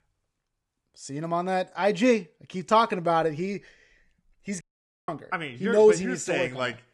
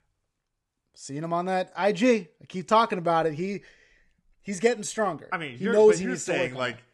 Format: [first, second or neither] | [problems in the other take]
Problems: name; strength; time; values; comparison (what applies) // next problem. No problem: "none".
second | audio cutting out; at 4.5 s